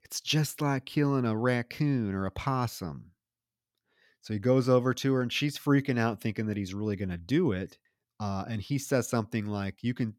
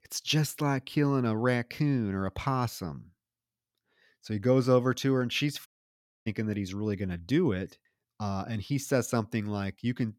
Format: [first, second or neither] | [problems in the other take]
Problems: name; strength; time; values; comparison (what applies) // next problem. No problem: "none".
first | audio cutting out; at 5.5 s for 0.5 s